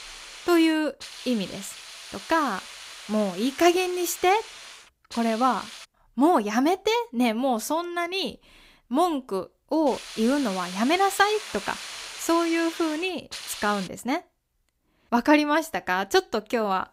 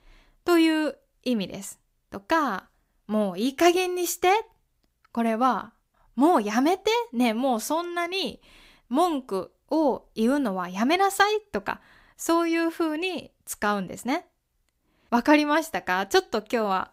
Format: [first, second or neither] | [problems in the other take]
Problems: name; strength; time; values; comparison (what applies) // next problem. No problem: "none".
second | hiss; noticeable; until 6 s and from 10 to 14 s; 15 dB below the speech